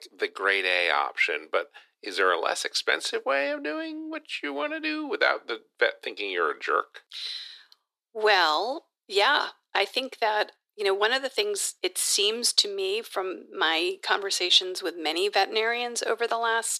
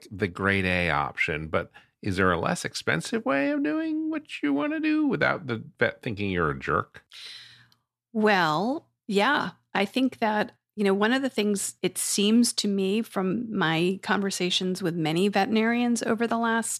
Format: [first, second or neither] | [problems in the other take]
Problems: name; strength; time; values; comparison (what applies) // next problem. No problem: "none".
second | thin; very; fading below 350 Hz